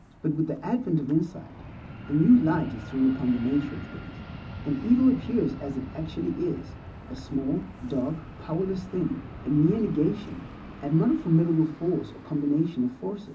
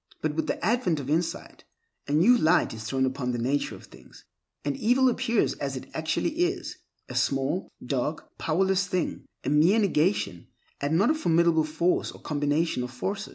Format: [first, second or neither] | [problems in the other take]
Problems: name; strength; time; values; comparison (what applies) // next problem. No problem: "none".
second | background sound (Fixed-wing aircraft, airplane); 15 dB below the speech // room echo; dies away in 0.4 s